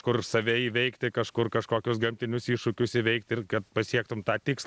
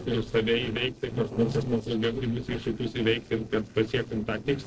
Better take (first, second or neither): first